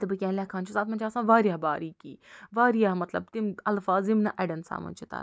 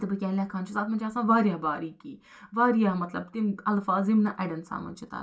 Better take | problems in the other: first | room echo; dies away in 0.2 s

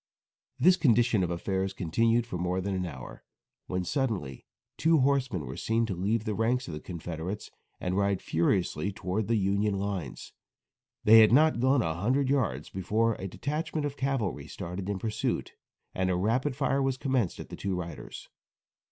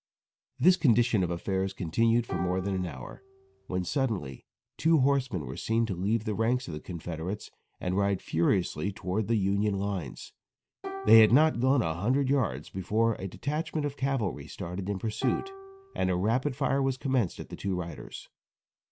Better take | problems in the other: first | background sound (Plucked string instrument); 15 dB below the speech

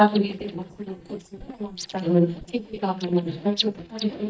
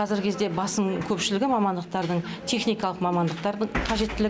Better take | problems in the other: second | noise reduction (neural mask model DeepFilterNet 3)

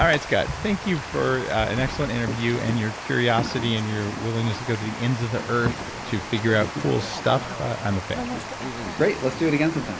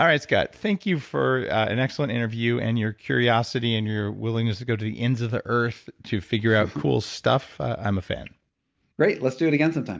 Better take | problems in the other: second | background sound (Boat, Water vehicle + Water); 7 dB below the speech

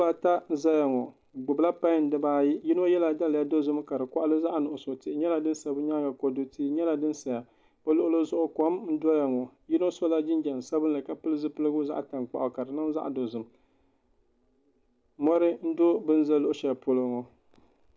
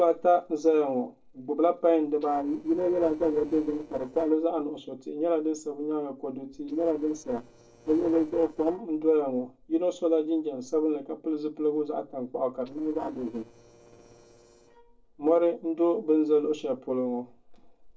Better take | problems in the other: first | noise reduction (neural separator model SepFormer DNS4)

